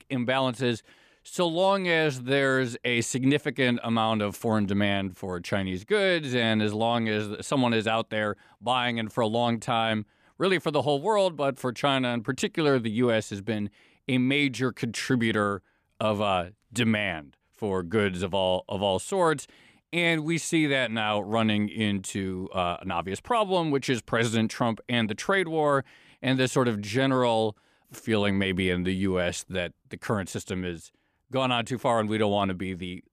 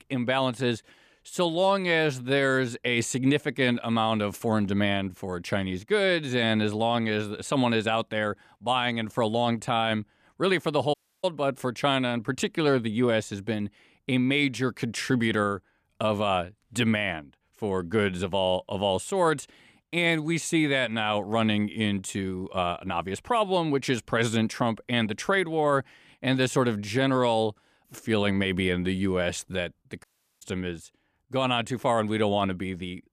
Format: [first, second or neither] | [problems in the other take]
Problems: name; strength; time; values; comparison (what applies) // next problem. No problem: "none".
first | audio cutting out; at 11 s and at 30 s